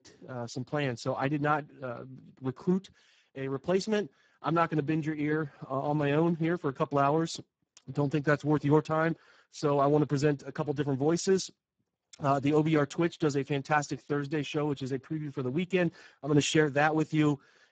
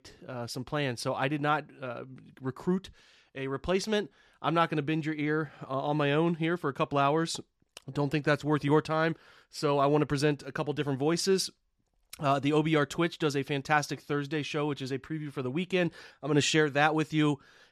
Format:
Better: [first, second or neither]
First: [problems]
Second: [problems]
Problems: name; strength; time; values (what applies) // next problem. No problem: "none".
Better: second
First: garbled, watery; badly; nothing above 7.5 kHz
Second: none